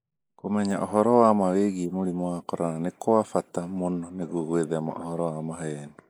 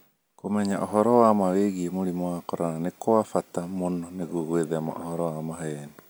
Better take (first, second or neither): second